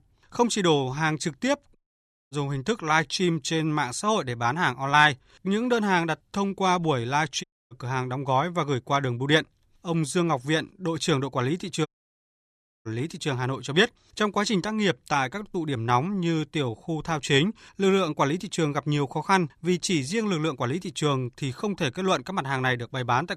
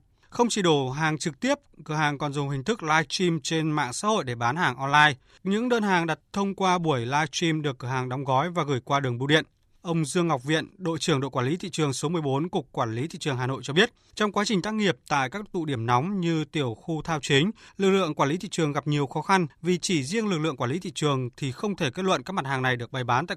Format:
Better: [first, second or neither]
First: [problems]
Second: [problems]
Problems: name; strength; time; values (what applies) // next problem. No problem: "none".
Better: second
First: audio cutting out; at 2 s for 0.5 s, at 7.5 s and at 12 s for 1 s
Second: none